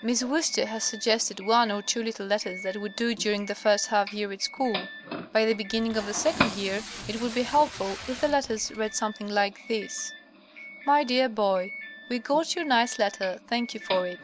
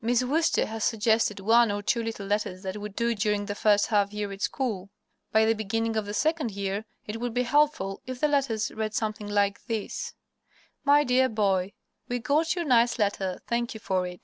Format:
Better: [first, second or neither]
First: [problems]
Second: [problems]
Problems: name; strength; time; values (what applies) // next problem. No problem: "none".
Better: second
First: background sound (Packing tape, duct tape + Doorbell); 12 dB below the speech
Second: none